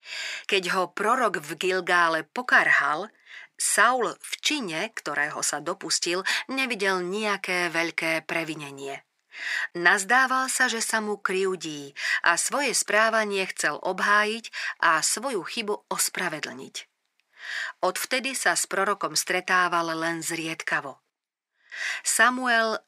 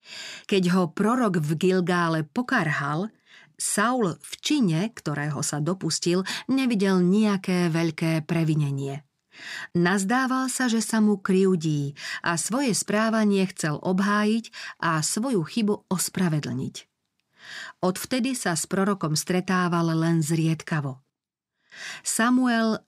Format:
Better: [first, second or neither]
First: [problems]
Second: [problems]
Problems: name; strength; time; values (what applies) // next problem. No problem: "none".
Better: second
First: thin; very; fading below 600 Hz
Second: none